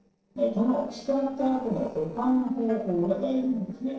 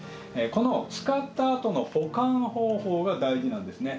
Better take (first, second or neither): second